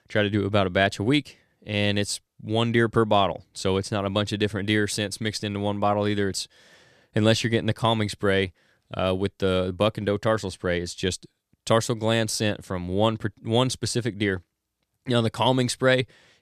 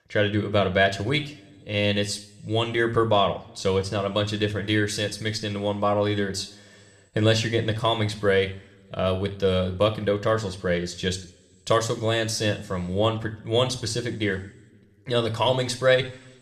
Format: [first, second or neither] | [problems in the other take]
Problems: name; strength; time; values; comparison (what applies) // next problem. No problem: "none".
first | room echo; very slight; dies away in 0.7 s